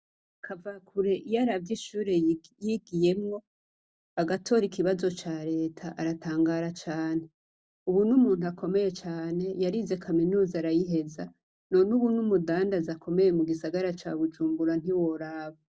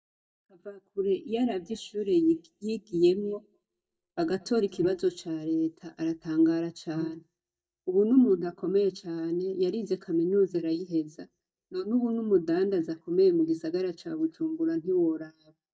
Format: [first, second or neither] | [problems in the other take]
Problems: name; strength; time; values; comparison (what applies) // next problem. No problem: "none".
first | noise reduction (neural mask model DeepFilterNet 3)